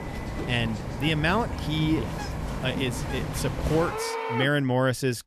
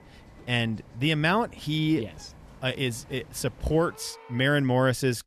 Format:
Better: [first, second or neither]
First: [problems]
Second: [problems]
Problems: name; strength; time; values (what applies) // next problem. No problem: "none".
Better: second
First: animal sounds; loud; throughout; 5 dB below the speech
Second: animal sounds; faint; throughout; 25 dB below the speech